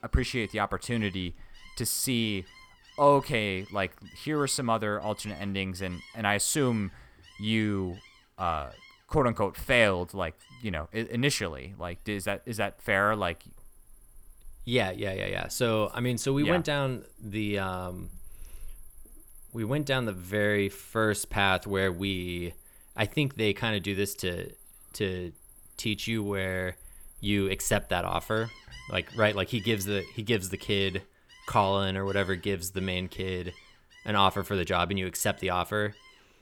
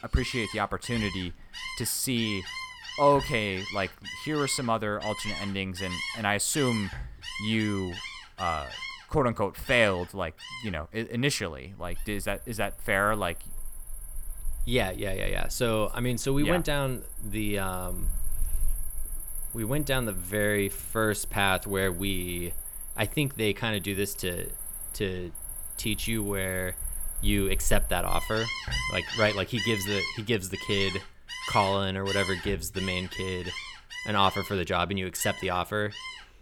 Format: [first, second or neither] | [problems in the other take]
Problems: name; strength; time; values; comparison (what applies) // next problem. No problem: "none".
first | animal sounds; loud; throughout; 7 dB below the speech; faint in the first